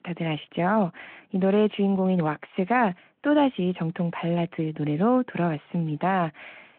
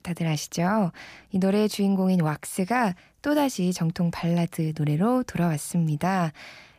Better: second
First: phone-call audio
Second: none

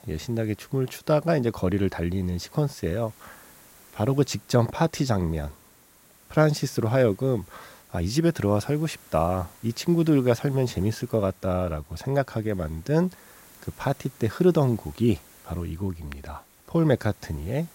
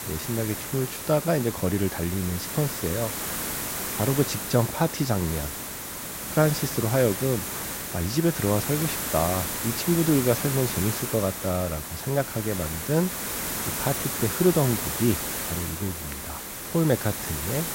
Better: first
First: hiss; faint; throughout; 25 dB below the speech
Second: hiss; loud; throughout; 3 dB below the speech

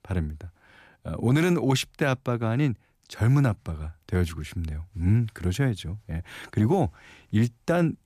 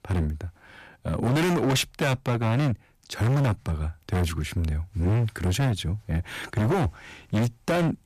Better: first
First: none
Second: distortion; heavy; 19% of the sound clipped

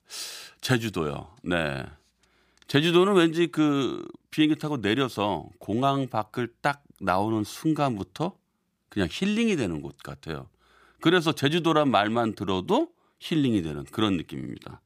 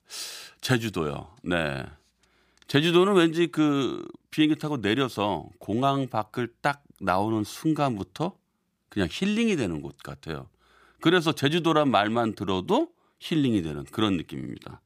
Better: neither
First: none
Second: none

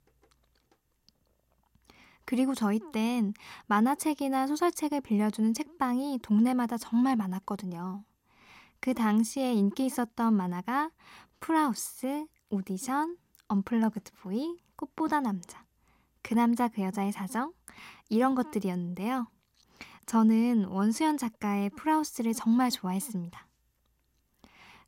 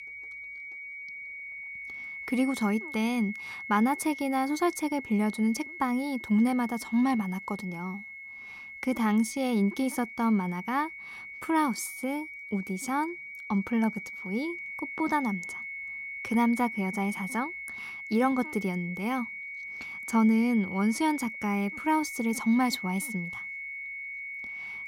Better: first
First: none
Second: high-pitched whine; loud; throughout; 2 kHz, 9 dB below the speech

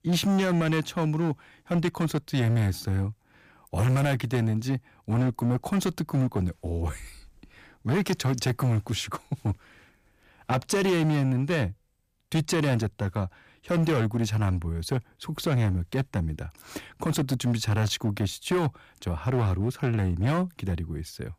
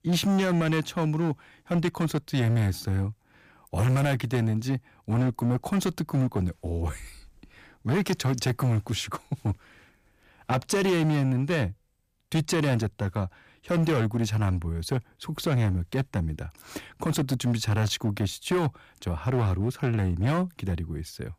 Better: neither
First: distortion; slight; 10% of the sound clipped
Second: distortion; slight; 10% of the sound clipped

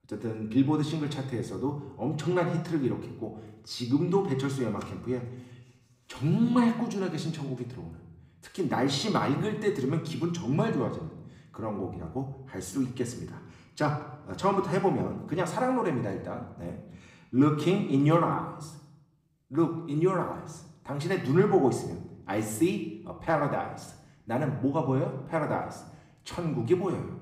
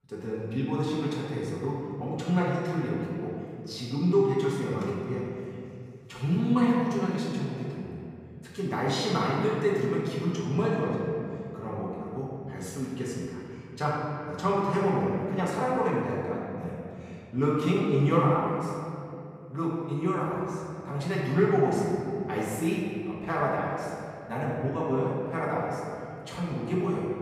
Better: first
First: room echo; slight; dies away in 0.7 s // off-mic speech; far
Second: room echo; strong; dies away in 2.5 s // off-mic speech; far

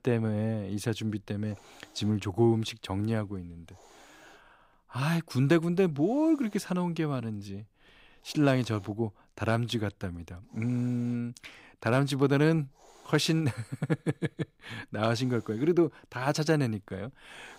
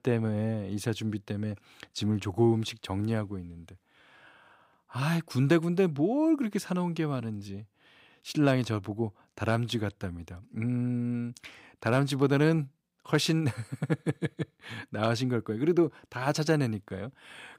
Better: second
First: hiss; faint; throughout; 30 dB below the speech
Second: none

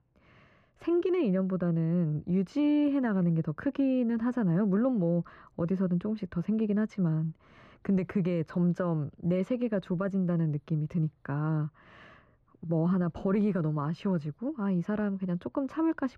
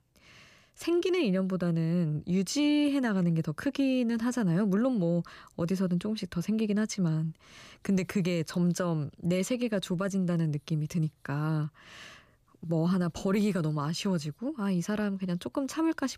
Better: second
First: muffled; very; fading above 3.5 kHz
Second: none

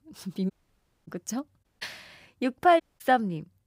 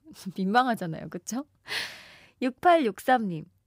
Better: second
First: audio cutting out; at 0.5 s for 0.5 s, at 1.5 s and at 3 s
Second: none

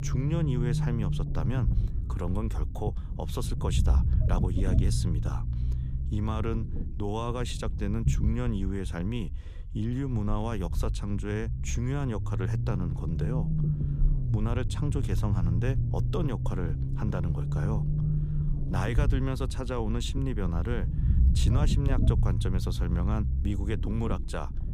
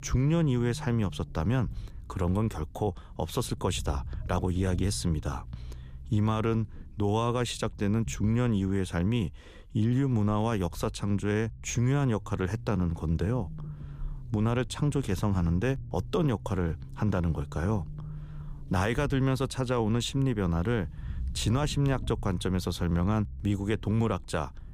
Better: second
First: low rumble; loud; throughout; 6 dB below the speech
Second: low rumble; faint; throughout; 25 dB below the speech

